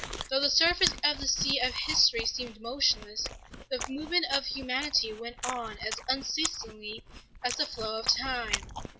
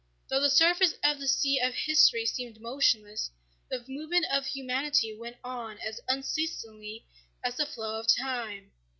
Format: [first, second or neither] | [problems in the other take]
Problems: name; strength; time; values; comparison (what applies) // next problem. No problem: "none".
second | background sound (Chewing, mastication); 10 dB below the speech